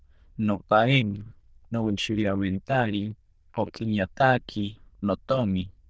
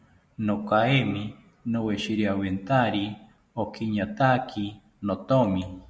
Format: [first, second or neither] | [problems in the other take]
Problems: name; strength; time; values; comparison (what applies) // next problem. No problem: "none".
second | noise reduction (neural diffusion model UNIVERSE++)